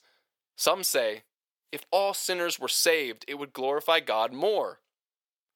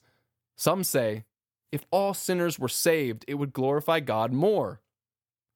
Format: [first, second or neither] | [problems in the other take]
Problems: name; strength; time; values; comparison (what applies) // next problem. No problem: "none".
second | thin; somewhat; fading below 500 Hz